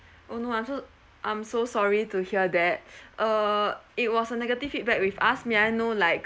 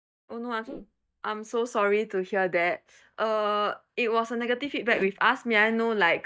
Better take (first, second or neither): first